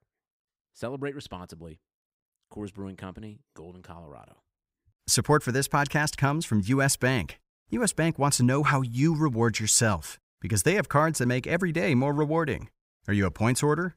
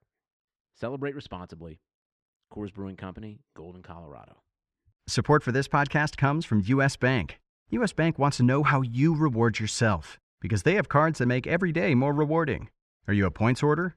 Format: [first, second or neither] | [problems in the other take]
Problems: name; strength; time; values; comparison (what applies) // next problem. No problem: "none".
first | muffled; slightly; fading above 3.5 kHz